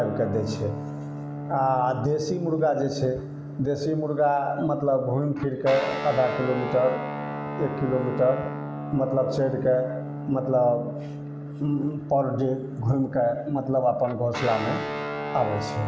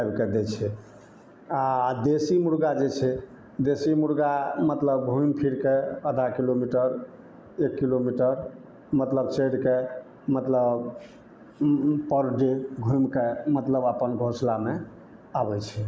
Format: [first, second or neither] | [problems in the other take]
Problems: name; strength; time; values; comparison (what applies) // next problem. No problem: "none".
second | background sound (Guitar); 8 dB below the speech // room echo; dies away in 2.7 s